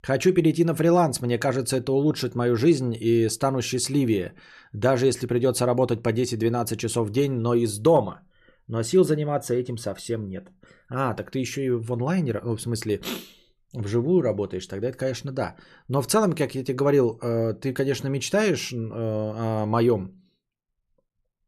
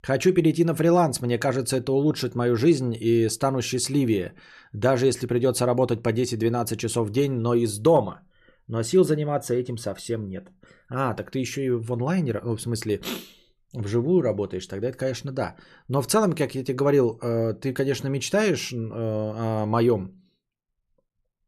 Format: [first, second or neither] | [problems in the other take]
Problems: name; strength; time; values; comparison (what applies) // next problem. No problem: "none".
neither | none